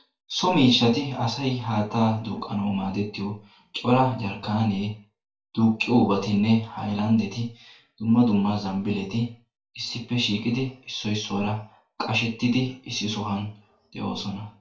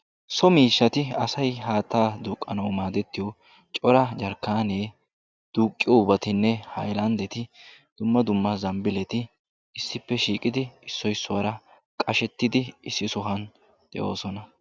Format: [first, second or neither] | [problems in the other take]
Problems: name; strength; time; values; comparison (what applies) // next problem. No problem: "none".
second | room echo; dies away in 0.3 s